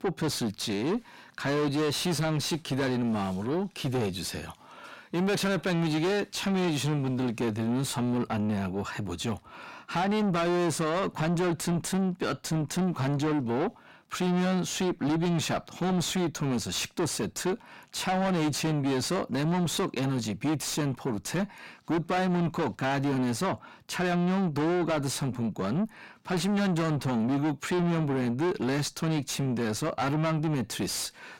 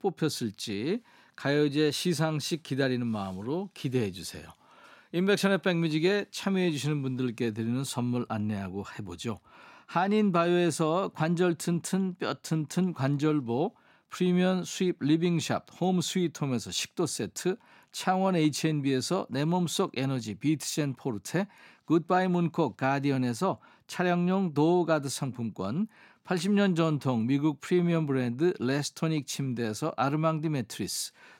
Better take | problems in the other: second | distortion; heavy; 7 dB below the speech

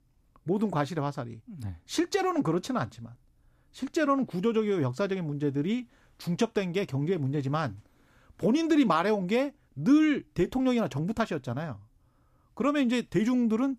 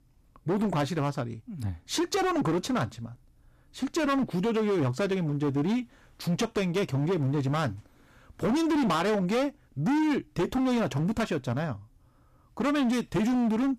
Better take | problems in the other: first | distortion; heavy; 19% of the sound clipped

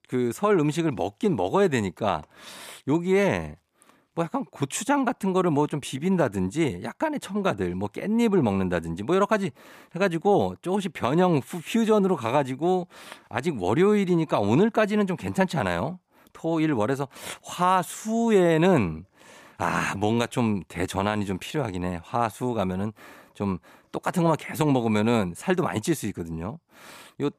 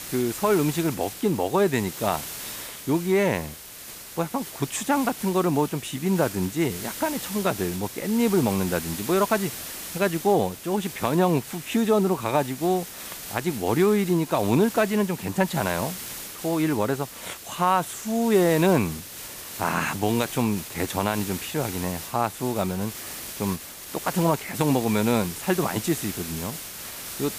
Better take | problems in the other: first | hiss; noticeable; throughout; 10 dB below the speech

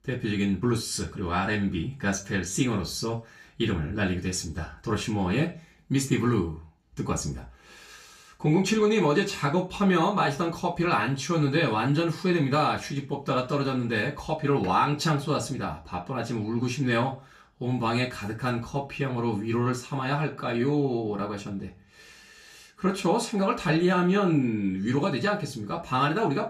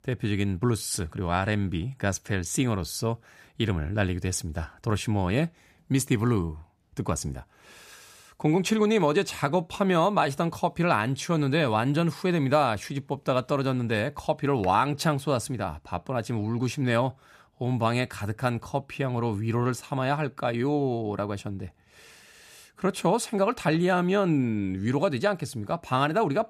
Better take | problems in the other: second | room echo; slight; dies away in 0.3 s // off-mic speech; far

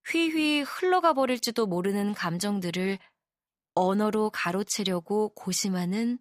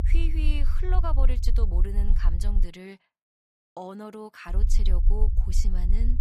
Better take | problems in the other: first | low rumble; loud; until 2.5 s and from 4.5 s on; 9 dB below the speech

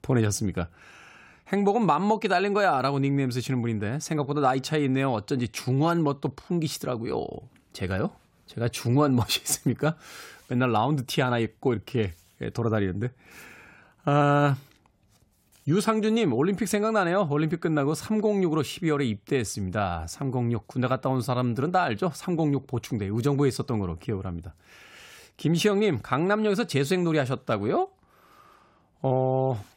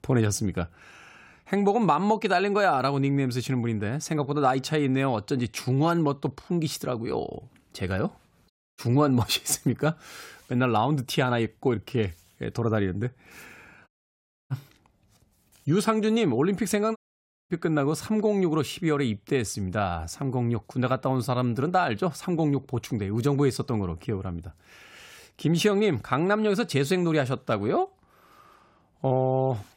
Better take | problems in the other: first | audio cutting out; at 8.5 s, at 14 s for 0.5 s and at 17 s for 0.5 s

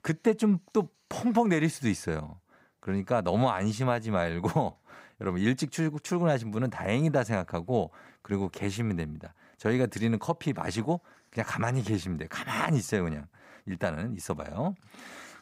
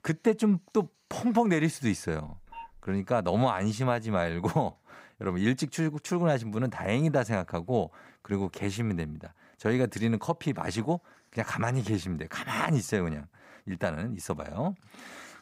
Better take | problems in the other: first | phone ringing; faint; at 2.5 s; peak 15 dB below the speech

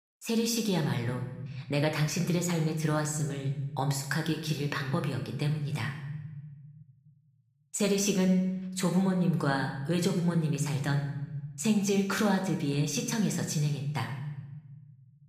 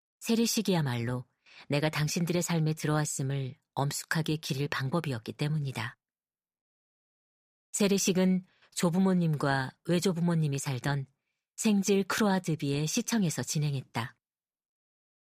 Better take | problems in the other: second | room echo; slight; dies away in 0.9 s

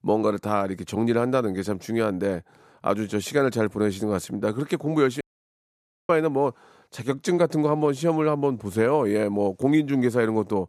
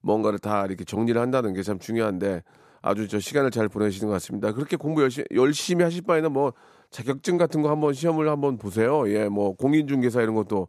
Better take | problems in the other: second | audio cutting out; at 5 s for 1 s

